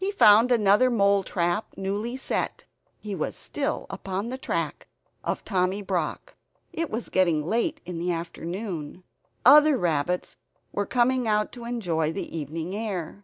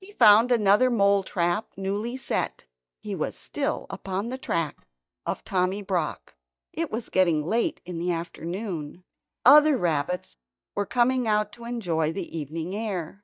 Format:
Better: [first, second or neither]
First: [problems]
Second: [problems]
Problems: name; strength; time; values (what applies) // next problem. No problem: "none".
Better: first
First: none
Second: noise reduction (neural mask model DeepFilterNet 3)